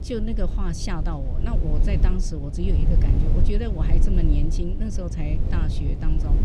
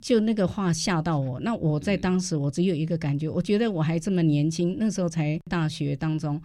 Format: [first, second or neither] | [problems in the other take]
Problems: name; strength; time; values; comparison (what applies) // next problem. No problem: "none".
second | low rumble; loud; throughout; 4 dB below the speech